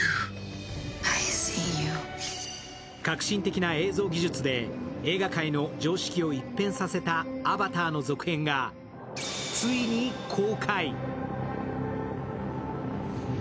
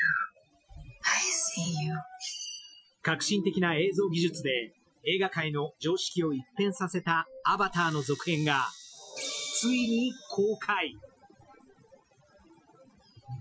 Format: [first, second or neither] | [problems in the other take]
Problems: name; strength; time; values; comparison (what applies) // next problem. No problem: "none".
first | noise reduction (classical method Wiener filter)